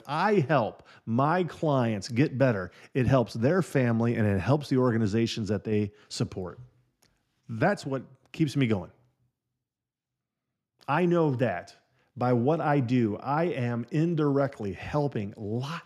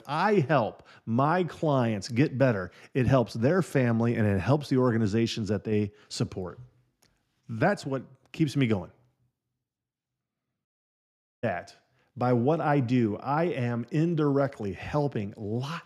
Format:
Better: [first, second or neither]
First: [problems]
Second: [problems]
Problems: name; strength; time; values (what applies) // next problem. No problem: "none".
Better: first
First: none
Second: audio cutting out; at 11 s for 1 s